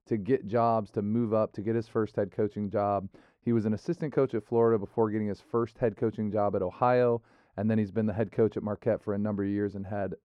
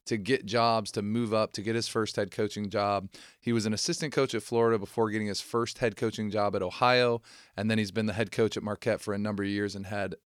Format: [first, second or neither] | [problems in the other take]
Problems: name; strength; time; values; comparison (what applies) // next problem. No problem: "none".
second | muffled; very; fading above 2 kHz